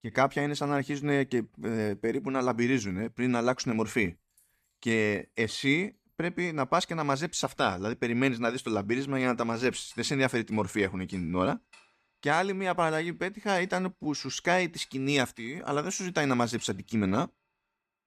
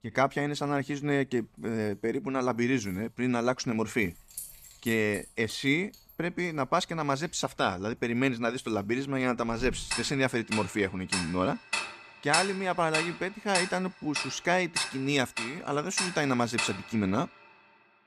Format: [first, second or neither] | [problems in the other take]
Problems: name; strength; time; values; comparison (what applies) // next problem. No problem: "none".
first | household noises; loud; throughout; 5 dB below the speech; faint in the first